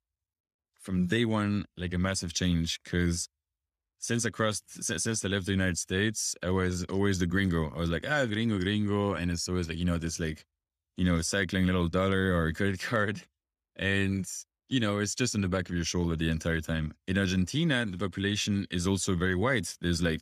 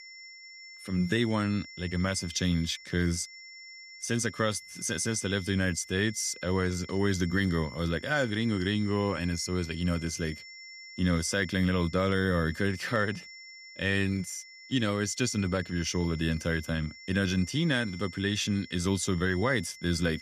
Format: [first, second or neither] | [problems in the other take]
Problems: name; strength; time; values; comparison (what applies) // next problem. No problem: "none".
first | high-pitched whine; noticeable; throughout; 2 kHz, 15 dB below the speech